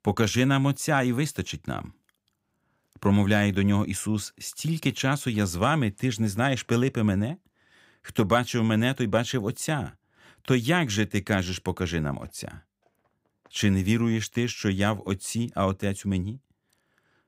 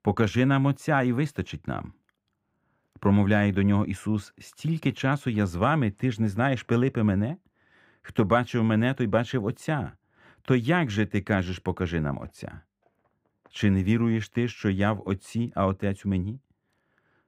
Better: first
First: none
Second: muffled; slightly; fading above 3.5 kHz

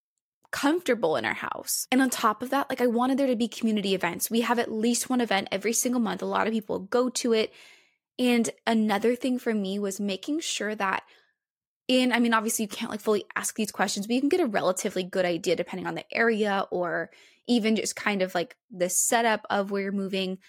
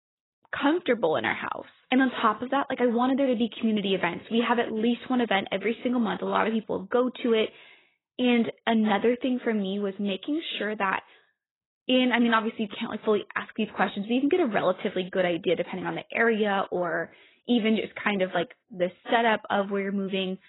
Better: first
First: none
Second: garbled, watery; badly; nothing above 4 kHz

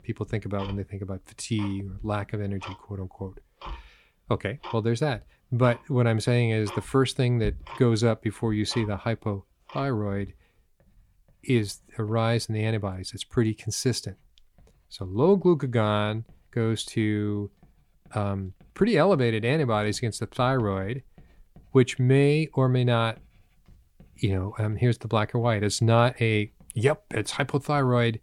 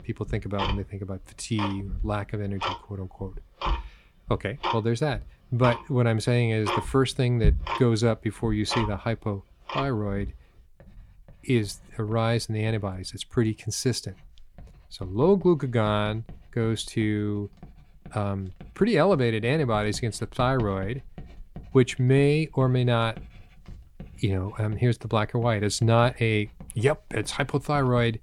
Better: first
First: household noises; faint; throughout; 20 dB below the speech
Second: household noises; loud; throughout; 10 dB below the speech

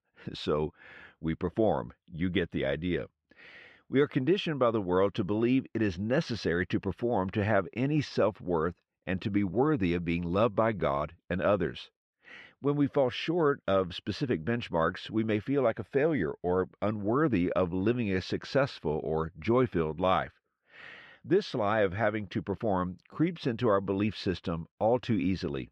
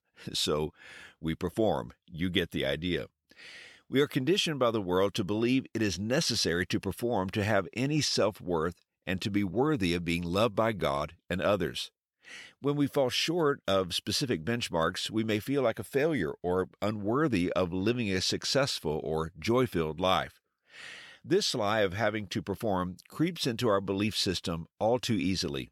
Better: second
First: muffled; slightly; fading above 2 kHz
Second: none

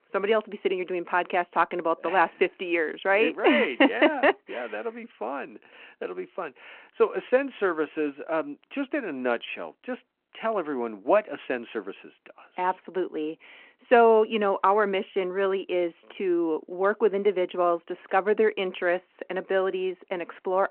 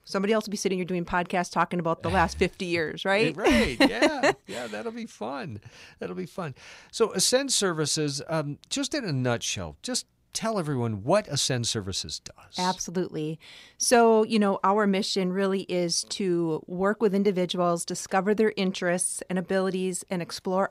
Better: second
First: phone-call audio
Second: none

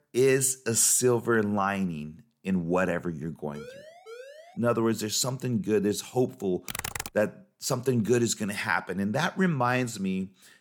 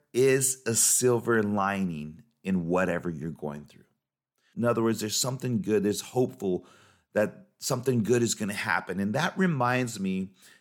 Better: second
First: siren; faint; from 3.5 to 4.5 s; peak 20 dB below the speech // keyboard typing; noticeable; at 6.5 s; peak 6 dB below the speech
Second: none

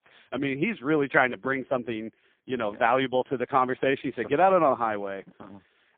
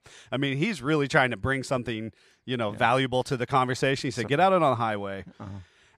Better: second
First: phone-call audio; poor line; nothing above 3.5 kHz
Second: none

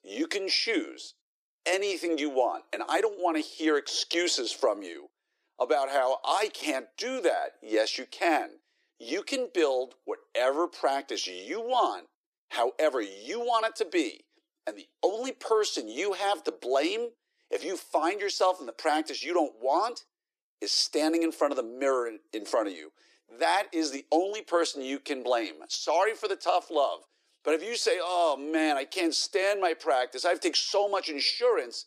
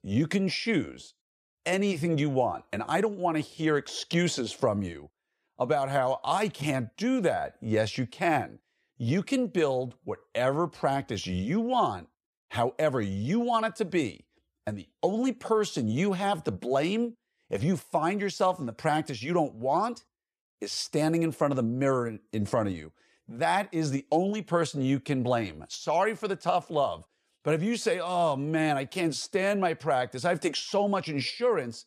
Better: second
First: thin; somewhat; fading below 300 Hz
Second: none

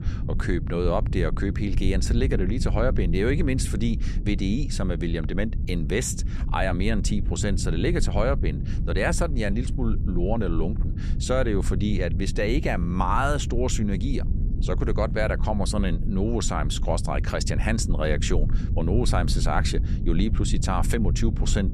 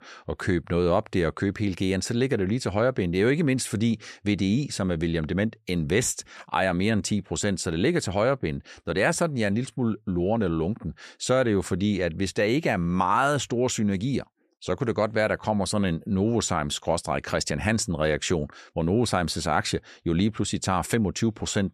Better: second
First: low rumble; noticeable; throughout; 15 dB below the speech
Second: none

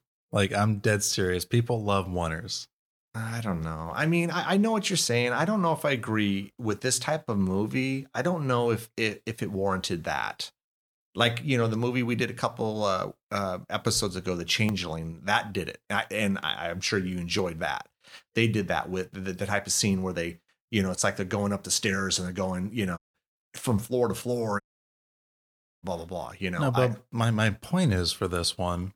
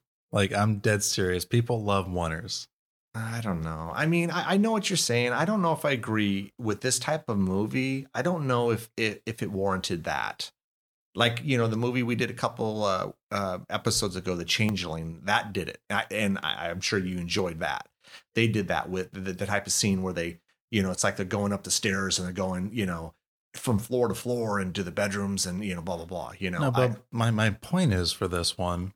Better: second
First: audio cutting out; at 23 s and at 25 s for 1 s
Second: none

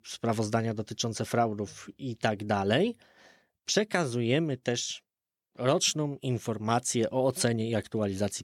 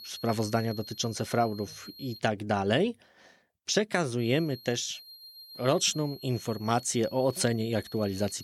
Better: first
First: none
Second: high-pitched whine; noticeable; until 2 s and from 4 s on; 4 kHz, 15 dB below the speech

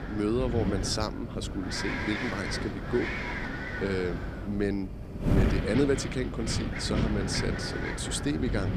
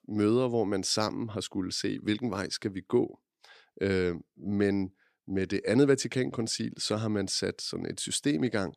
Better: second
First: wind noise on the microphone; heavy; 2 dB below the speech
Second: none

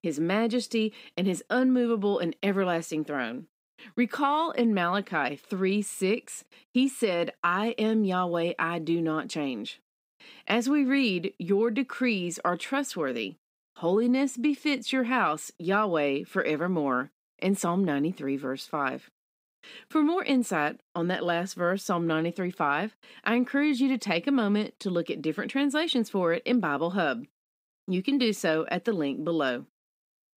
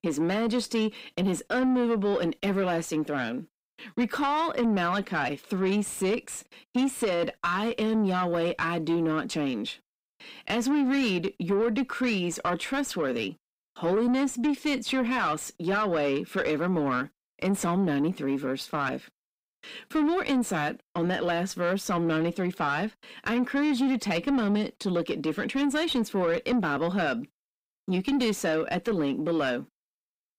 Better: first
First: none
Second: distortion; slight; 10 dB below the speech

